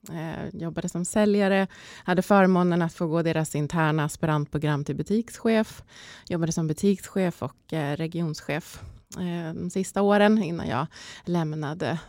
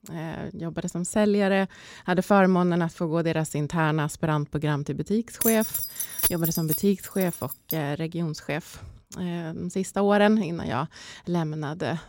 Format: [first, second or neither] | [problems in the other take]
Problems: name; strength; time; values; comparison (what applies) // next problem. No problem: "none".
first | jangling keys; loud; from 5.5 to 7.5 s; peak 2 dB above the speech